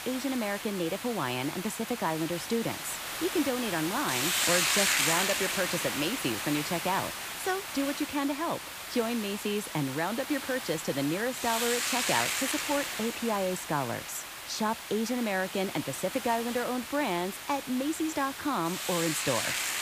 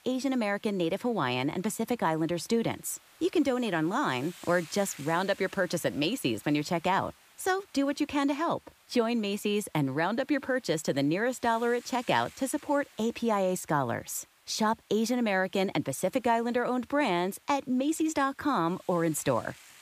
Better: second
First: hiss; loud; throughout; 1 dB below the speech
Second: hiss; faint; throughout; 25 dB below the speech

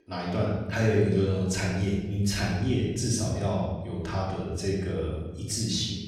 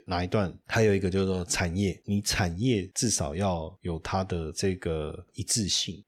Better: second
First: off-mic speech; far // room echo; strong; dies away in 1.7 s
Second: none

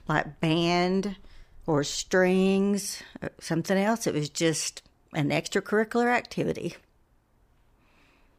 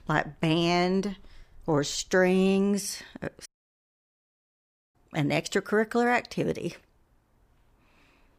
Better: first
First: none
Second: audio cutting out; at 3.5 s for 1.5 s

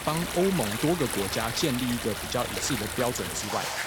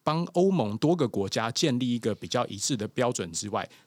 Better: second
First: rain or running water; loud; throughout; 3 dB below the speech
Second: none

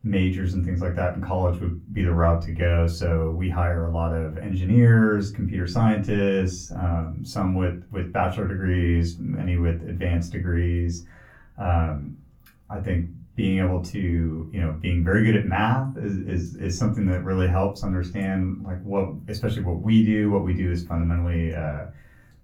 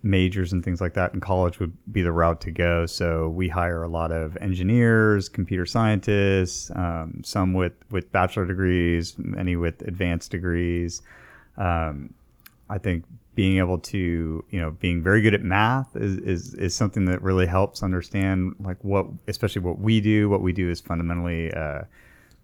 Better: second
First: off-mic speech; far // room echo; very slight; dies away in 0.3 s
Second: none

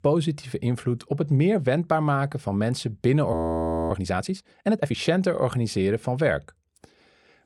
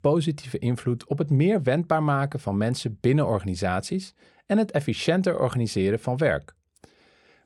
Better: second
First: audio freezing; at 3.5 s for 0.5 s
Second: none

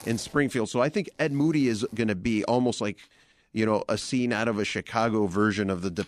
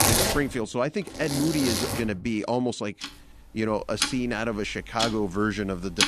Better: first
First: household noises; faint; throughout; 25 dB below the speech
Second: household noises; loud; throughout; as loud as the speech

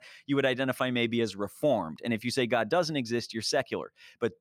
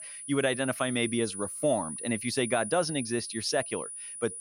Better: first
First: none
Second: high-pitched whine; loud; throughout; 9.5 kHz, 7 dB below the speech

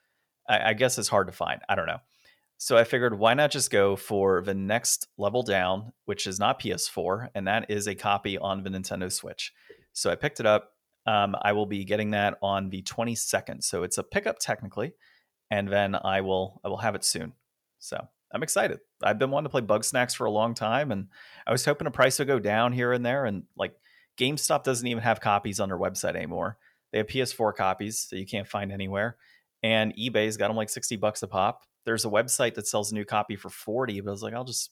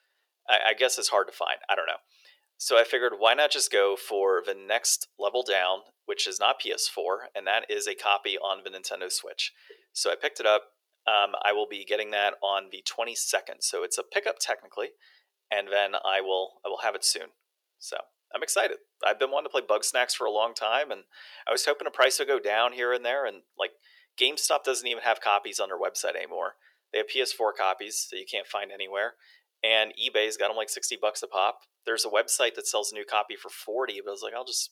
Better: first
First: none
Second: thin; very; fading below 350 Hz

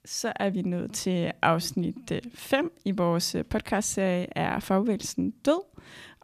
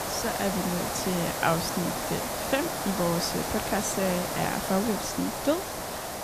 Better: first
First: none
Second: hiss; loud; throughout; 1 dB below the speech

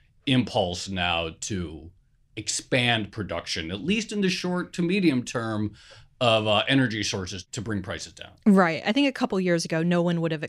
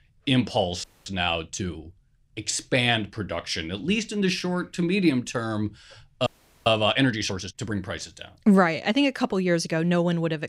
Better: first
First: none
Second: audio freezing; at 1 s and at 6.5 s

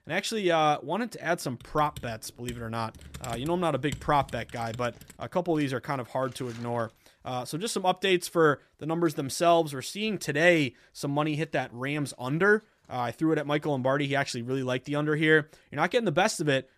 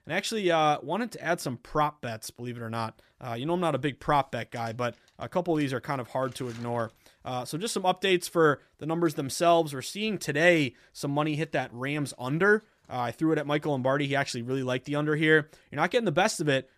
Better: second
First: keyboard typing; faint; from 1.5 to 5 s; peak 10 dB below the speech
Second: none

